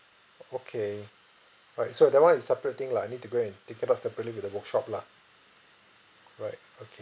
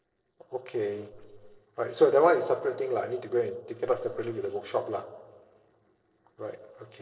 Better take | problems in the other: first | noise reduction (neural separator model SepFormer DNS4)

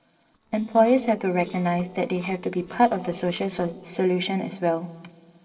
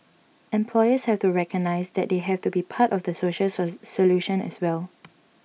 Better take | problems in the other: second | noise reduction (neural separator model SepFormer DNS4)

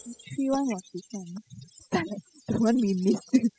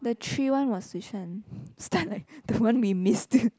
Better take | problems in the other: second | noise reduction (classical method spectral subtraction)

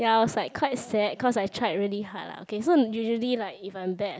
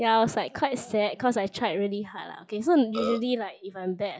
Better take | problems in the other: first | noise reduction (classical method log-MMSE)

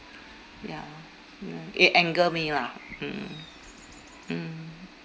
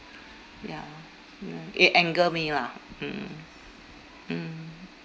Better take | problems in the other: second | background sound (Bird); 20 dB below the speech

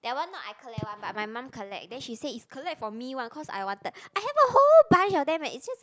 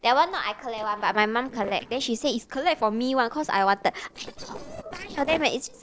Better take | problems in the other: first | noise reduction (neural separator model SepFormer DNS4)

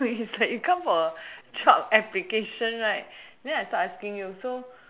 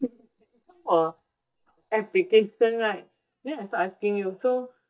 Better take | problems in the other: first | noise reduction (neural mask model DeepFilterNet 3)

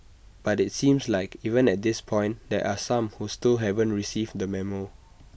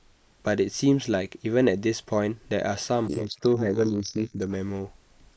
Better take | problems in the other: first | noise reduction (neural mask model Resemble Enhance denoiser)

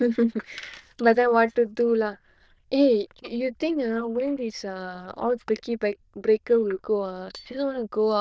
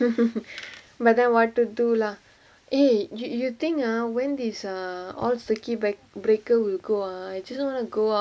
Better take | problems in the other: second | noise reduction (neural diffusion model UNIVERSE++)

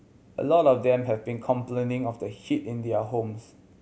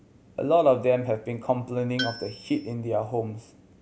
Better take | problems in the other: first | background sound (Tools); 9 dB below the speech

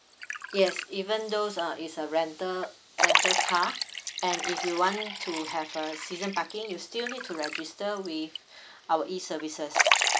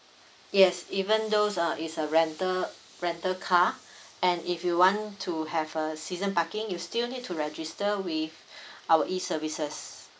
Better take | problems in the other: second | background sound (Liquid); as loud as the speech

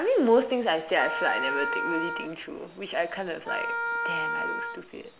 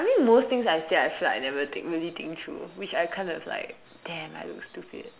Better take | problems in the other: second | background sound (Wind instrument, woodwind instrument); 4 dB below the speech

